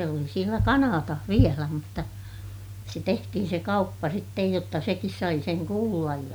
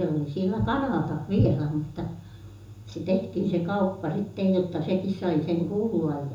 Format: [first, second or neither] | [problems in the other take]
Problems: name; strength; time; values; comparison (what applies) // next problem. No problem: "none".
first | room echo; dies away in 0.6 s